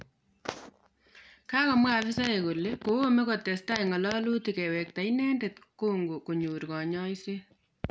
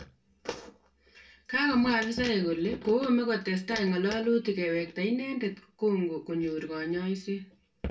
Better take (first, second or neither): first